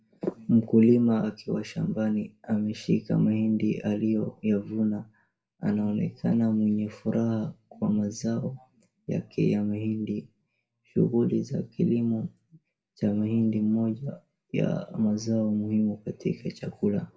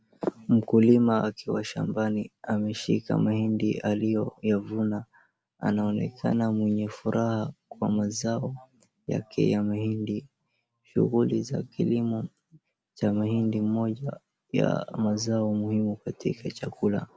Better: second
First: room echo; dies away in 0.2 s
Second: none

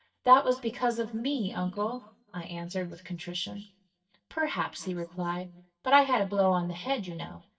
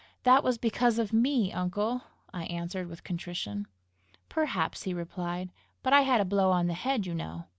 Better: second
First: noise reduction (neural mask model DeepFilterNet 3)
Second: none

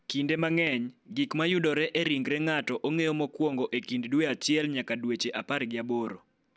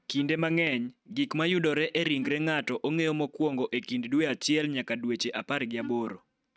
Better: first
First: none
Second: noise reduction (neural mask model RNNoise)

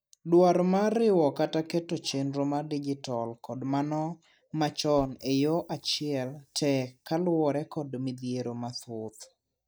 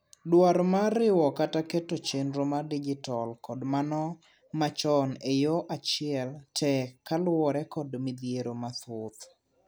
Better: second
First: noise reduction (neural mask model DeepFilterNet 3)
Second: none

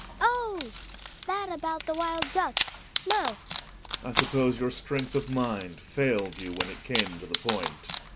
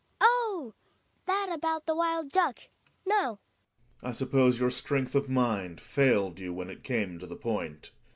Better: second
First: background sound (Wood); 5 dB below the speech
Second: none

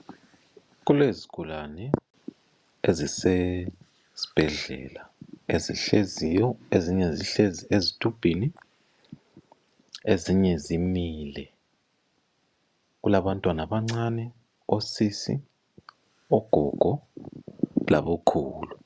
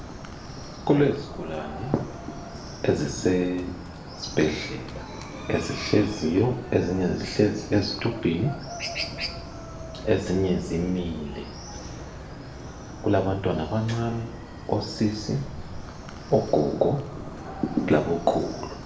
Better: first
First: none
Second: background sound (Chicken, rooster); 11 dB below the speech // room echo; dies away in 0.5 s

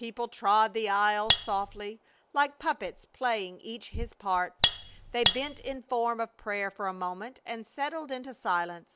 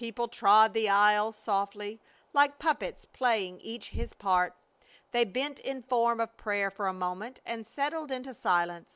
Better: second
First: background sound (Cutlery, silverware); 2 dB above the speech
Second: none

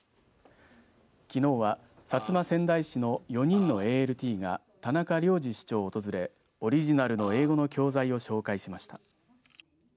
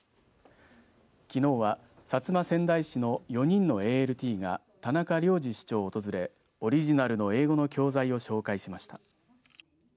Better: second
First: background sound (Burping, eructation); 12 dB below the speech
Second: none

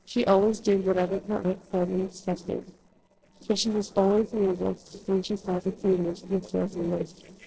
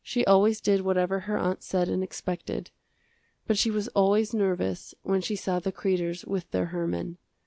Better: second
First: noise reduction (neural separator model SepFormer DNS4)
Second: none

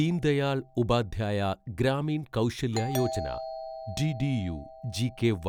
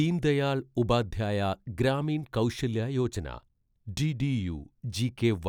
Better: second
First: background sound (Doorbell); 12 dB below the speech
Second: none

